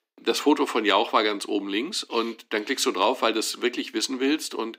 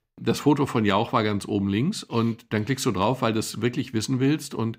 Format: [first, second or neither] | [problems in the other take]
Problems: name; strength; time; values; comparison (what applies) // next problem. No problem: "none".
second | thin; somewhat; fading below 300 Hz